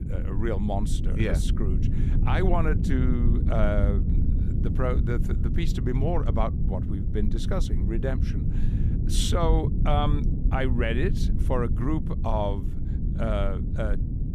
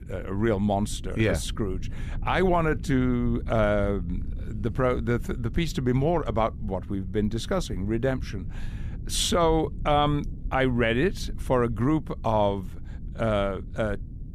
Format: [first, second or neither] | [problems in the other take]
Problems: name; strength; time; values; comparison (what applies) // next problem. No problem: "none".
second | low rumble; loud; throughout; 8 dB below the speech; faint in the second